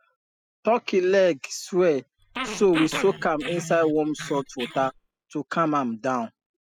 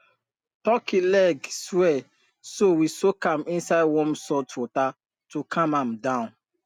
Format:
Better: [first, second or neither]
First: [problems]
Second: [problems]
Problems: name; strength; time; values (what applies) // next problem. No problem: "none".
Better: second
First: noise reduction (classical method spectral subtraction)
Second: none